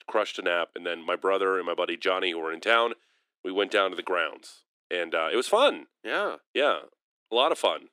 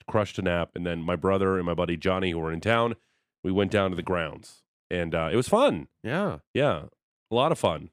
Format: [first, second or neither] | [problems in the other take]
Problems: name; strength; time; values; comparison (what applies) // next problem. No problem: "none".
second | thin; somewhat; fading below 300 Hz